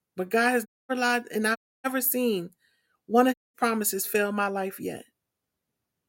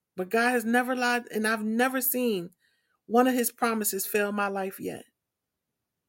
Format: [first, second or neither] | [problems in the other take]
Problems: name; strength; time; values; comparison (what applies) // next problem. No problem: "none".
second | audio cutting out; at 0.5 s, at 1.5 s and at 3.5 s